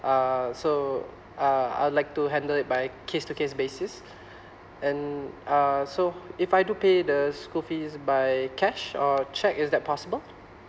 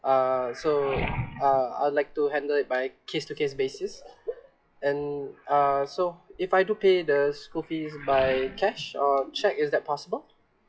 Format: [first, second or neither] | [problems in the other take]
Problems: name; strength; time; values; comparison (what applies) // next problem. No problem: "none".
first | noise reduction (classical method WPE with log-MMSE)